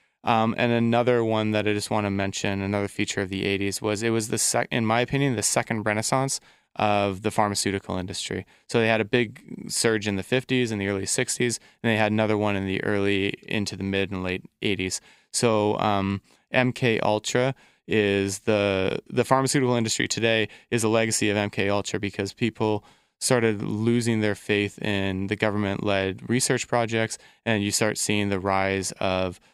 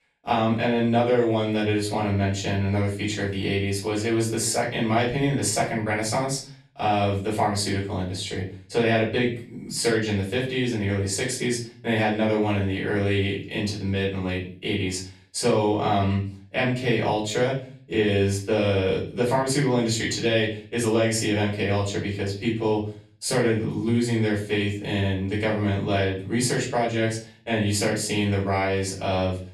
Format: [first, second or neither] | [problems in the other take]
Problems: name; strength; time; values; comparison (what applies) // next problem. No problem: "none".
first | room echo; slight; dies away in 0.4 s // off-mic speech; far